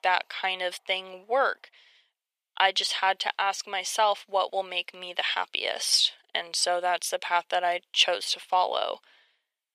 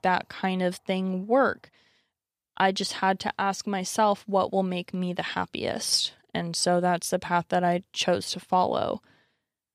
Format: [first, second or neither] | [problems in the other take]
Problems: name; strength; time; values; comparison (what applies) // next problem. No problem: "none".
second | thin; very; fading below 550 Hz